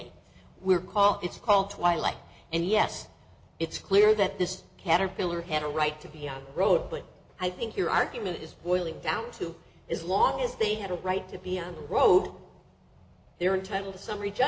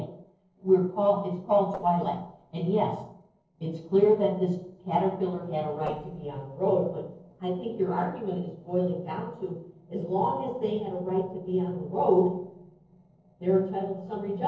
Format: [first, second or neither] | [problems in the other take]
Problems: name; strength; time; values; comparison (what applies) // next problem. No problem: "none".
first | noise reduction (neural separator model SepFormer DNS4)